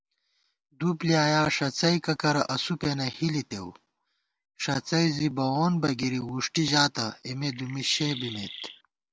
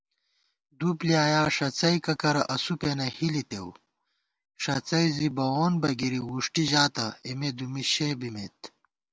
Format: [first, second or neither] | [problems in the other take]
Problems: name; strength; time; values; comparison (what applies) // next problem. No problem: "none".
second | background sound (Chirp, tweet); 13 dB below the speech